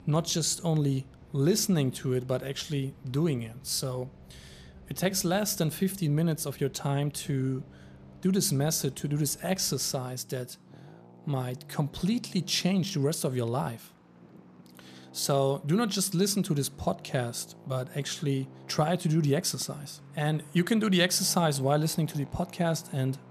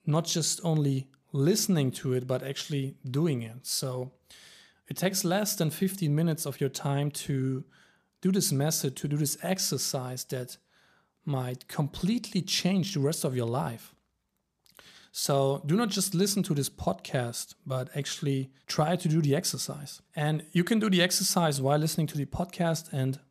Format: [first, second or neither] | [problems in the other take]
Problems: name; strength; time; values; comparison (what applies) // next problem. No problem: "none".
second | traffic noise; faint; throughout; 25 dB below the speech